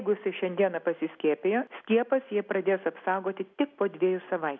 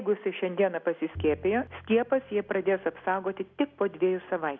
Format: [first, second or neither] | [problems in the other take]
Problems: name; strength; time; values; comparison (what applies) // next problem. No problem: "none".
first | background sound (Bowed string instrument); 20 dB below the speech